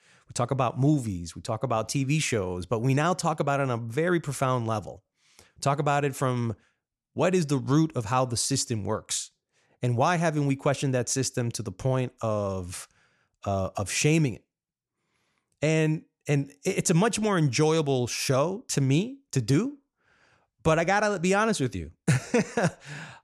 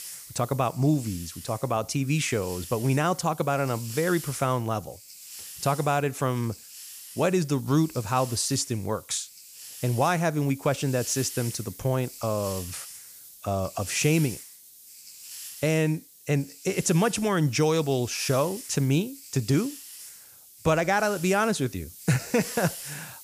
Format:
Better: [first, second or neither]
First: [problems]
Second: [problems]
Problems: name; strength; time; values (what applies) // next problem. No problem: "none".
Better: first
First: none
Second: hiss; noticeable; throughout; 15 dB below the speech